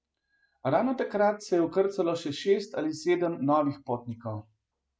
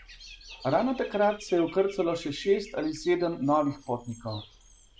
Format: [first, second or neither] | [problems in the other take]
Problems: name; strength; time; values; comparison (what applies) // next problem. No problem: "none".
first | background sound (Bird / Dog); 20 dB below the speech